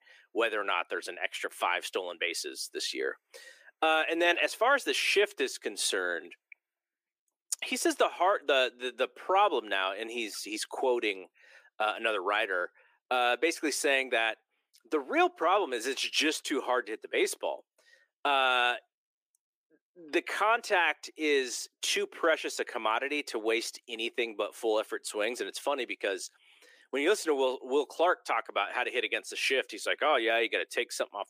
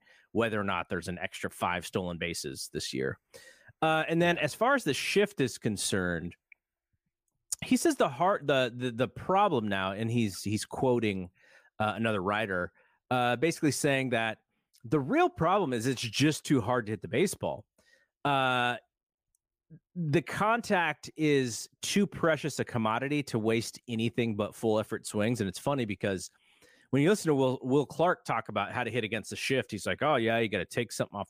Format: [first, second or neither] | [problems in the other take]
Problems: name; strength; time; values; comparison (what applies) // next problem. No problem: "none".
second | thin; very; fading below 350 Hz